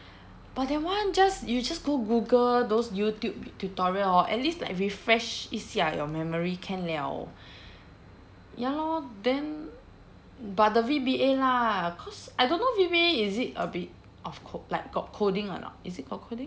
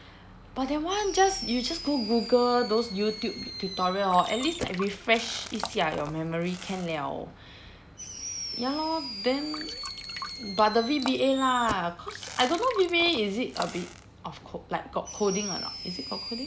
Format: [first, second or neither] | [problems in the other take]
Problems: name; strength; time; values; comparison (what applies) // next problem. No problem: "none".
first | background sound (Fireworks + Drip); 11 dB below the speech